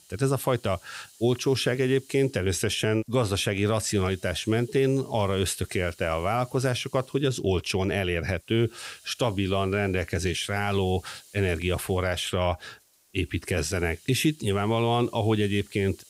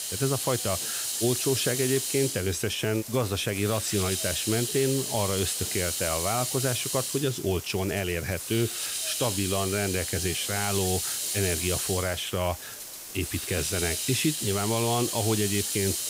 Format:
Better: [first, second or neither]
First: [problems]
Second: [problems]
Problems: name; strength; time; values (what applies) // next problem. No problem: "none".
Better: first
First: hiss; faint; throughout; 25 dB below the speech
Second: hiss; loud; throughout; 1 dB below the speech